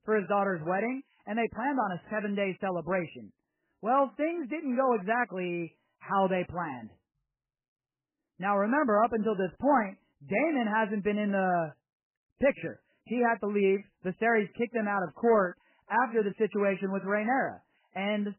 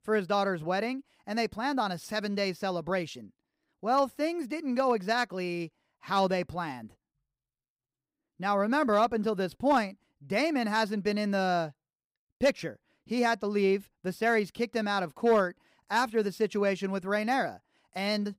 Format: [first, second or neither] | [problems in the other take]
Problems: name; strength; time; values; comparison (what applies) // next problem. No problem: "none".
second | garbled, watery; badly; nothing above 3 kHz